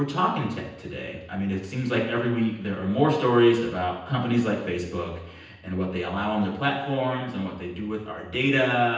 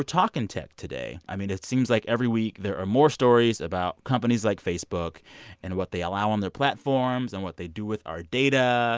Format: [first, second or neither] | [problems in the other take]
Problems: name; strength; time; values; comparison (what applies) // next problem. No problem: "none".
second | room echo; dies away in 0.9 s